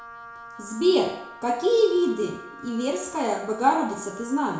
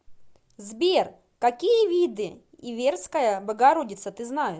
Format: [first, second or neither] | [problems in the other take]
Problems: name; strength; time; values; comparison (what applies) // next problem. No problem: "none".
second | background sound (Wind instrument, woodwind instrument); 17 dB below the speech // room echo; dies away in 0.6 s